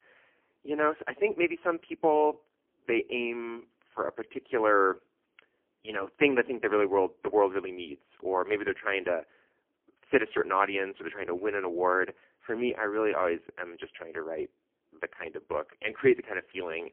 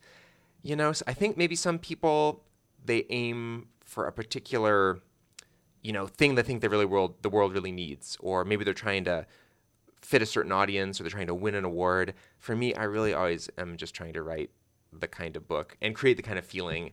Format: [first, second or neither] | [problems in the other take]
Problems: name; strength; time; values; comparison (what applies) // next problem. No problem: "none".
second | phone-call audio; poor line; nothing above 3 kHz